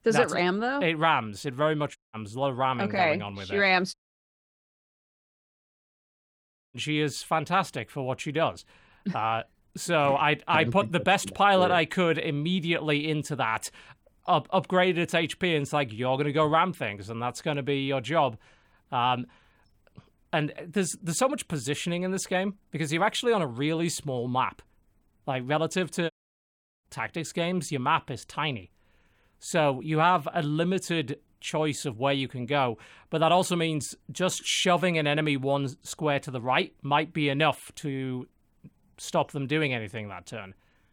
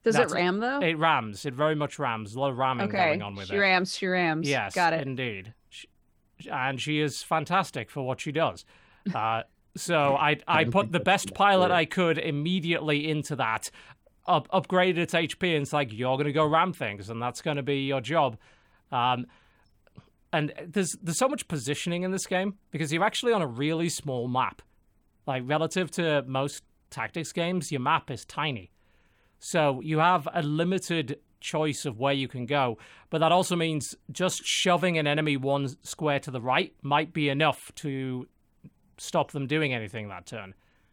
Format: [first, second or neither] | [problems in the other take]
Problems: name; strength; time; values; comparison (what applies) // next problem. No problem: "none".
second | audio cutting out; at 2 s, at 4 s for 3 s and at 26 s for 0.5 s